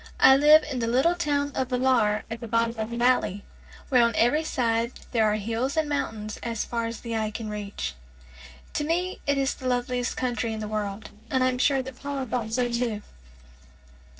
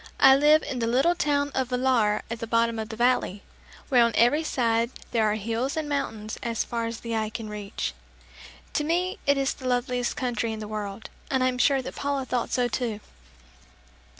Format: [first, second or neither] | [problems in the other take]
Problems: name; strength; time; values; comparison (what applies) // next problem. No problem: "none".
second | noise reduction (neural separator model SepFormer DNS4)